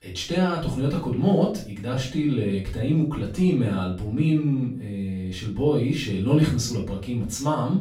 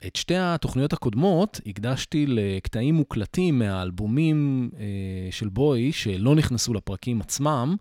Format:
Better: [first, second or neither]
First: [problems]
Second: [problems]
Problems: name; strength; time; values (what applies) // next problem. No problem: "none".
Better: second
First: off-mic speech; far // room echo; slight; dies away in 0.3 s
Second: none